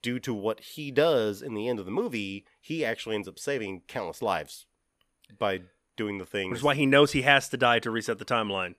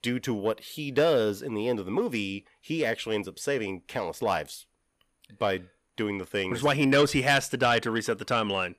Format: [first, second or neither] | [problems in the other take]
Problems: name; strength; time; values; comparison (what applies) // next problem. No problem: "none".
first | distortion; slight; 10 dB below the speech